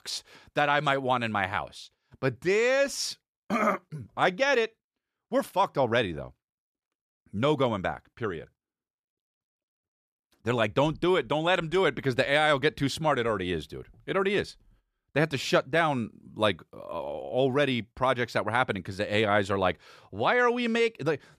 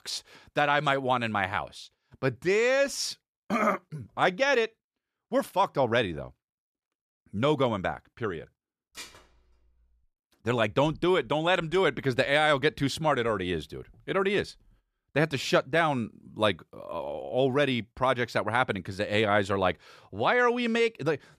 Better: first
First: none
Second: clattering dishes; faint; at 9 s; peak 15 dB below the speech

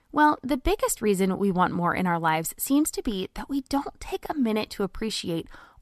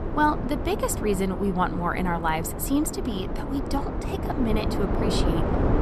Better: first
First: none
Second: wind noise on the microphone; heavy; 5 dB below the speech

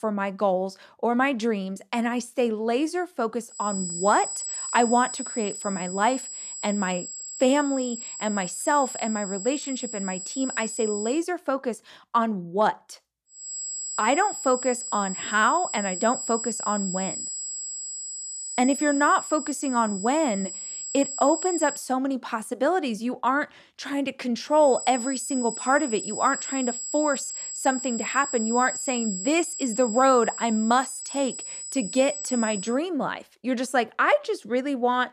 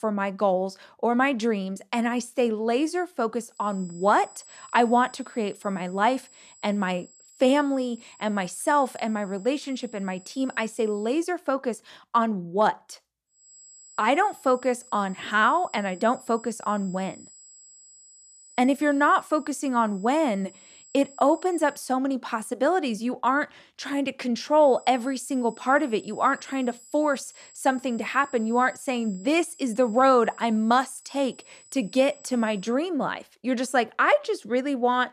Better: second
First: high-pitched whine; loud; from 3.5 to 11 s, from 13 to 22 s and from 25 to 33 s; 7.5 kHz, 6 dB below the speech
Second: high-pitched whine; faint; from 3.5 to 11 s, from 13 to 22 s and from 25 to 33 s; 7.5 kHz, 25 dB below the speech

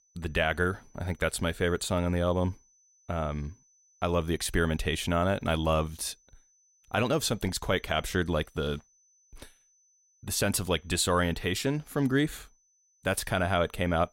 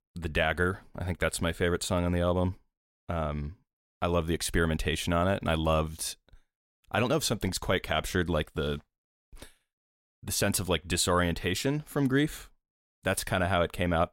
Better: second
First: high-pitched whine; faint; throughout; 6 kHz, 35 dB below the speech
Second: none

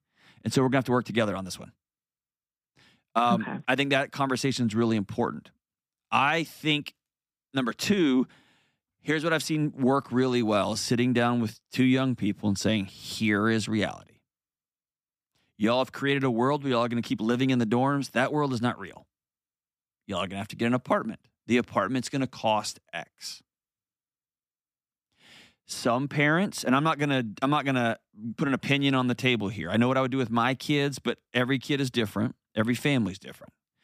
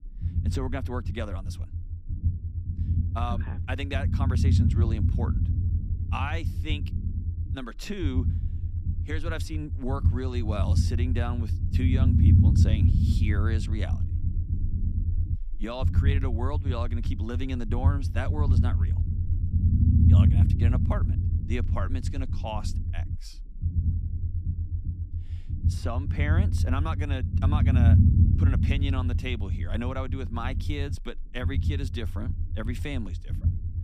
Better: first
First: none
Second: low rumble; loud; throughout; 4 dB below the speech

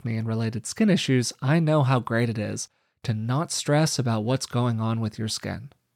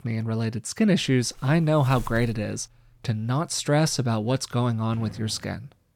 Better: first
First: none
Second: household noises; faint; from 1.5 s on; 20 dB below the speech

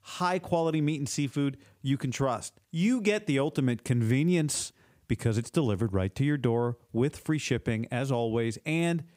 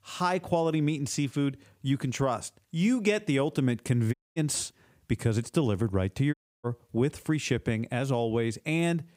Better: first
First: none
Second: audio cutting out; at 4 s and at 6.5 s

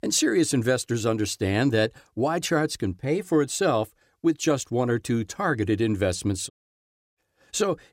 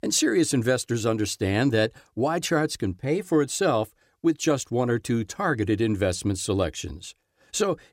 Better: second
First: audio cutting out; at 6.5 s for 0.5 s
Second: none

